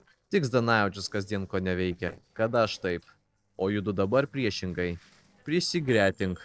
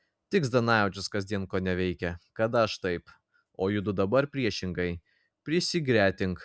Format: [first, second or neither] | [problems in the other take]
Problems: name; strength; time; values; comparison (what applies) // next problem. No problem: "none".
second | noise reduction (neural separator model SepFormer DNS4)